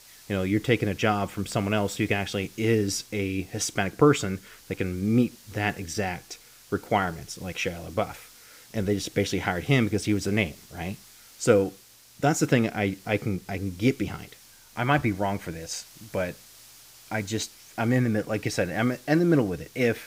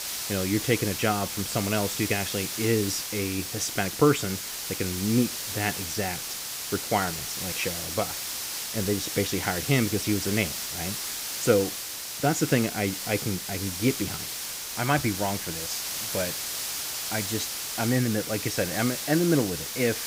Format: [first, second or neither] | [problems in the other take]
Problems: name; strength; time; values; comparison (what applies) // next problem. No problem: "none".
first | hiss; loud; throughout; 3 dB below the speech; faint in the first